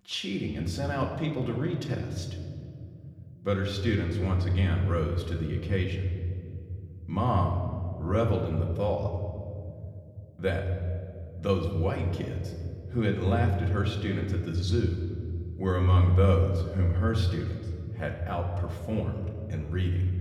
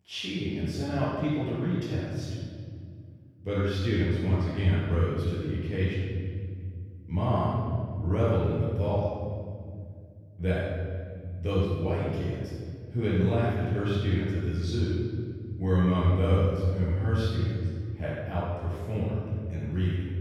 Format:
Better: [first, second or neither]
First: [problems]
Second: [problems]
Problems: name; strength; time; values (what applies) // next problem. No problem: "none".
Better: first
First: room echo; slight; dies away in 2.2 s // off-mic speech; somewhat distant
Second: room echo; strong; dies away in 2.3 s // off-mic speech; far